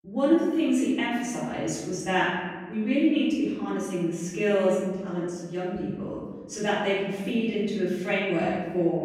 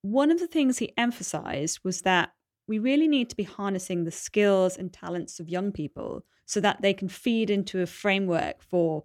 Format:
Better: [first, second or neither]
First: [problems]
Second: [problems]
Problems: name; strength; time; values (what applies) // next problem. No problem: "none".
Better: second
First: off-mic speech; far // room echo; strong; dies away in 1.4 s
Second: none